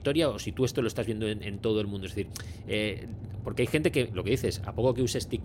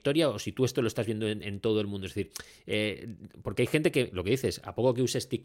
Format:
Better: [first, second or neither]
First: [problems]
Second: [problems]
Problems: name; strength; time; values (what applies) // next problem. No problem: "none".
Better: second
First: low rumble; faint; throughout; 20 dB below the speech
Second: none